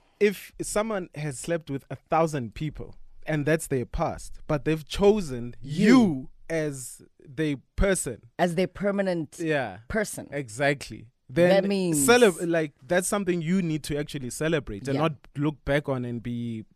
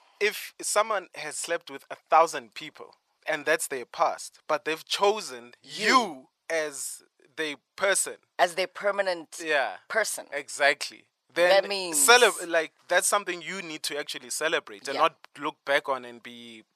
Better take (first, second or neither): first